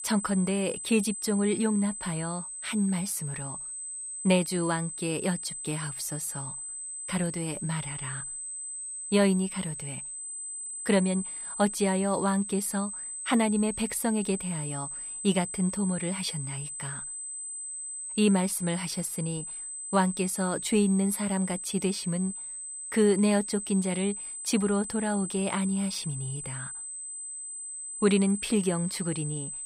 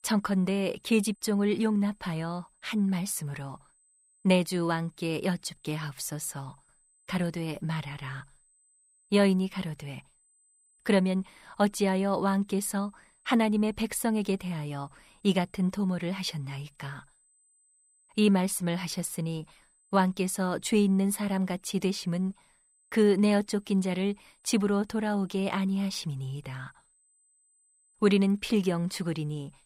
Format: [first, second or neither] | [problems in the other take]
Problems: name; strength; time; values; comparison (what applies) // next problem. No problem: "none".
second | high-pitched whine; loud; throughout; 8 kHz, 6 dB below the speech; faint in the second